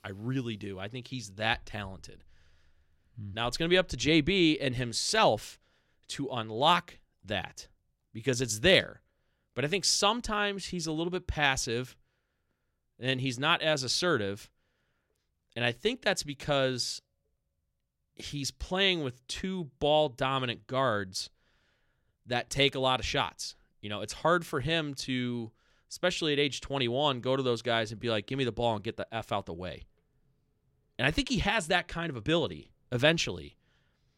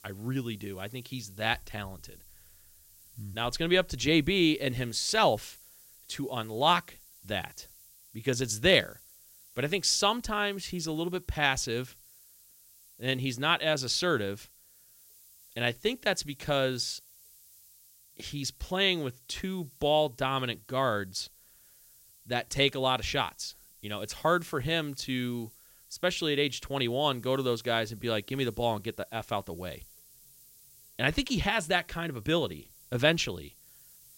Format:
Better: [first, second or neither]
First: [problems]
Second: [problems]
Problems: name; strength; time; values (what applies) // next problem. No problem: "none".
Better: first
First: none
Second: hiss; faint; throughout; 25 dB below the speech